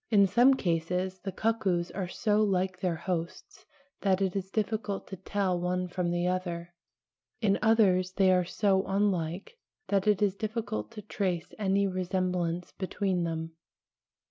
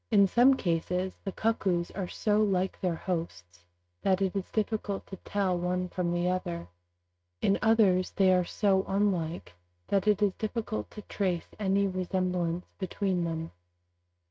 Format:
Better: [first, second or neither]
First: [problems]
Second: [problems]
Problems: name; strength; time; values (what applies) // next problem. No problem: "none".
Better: first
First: none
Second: noise reduction (neural mask model RNNoise)